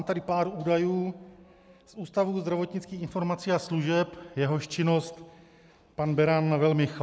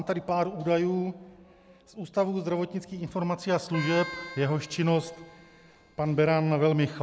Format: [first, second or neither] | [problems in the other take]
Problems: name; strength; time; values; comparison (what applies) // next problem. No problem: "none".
first | background sound (Keyboard (musical)); 13 dB below the speech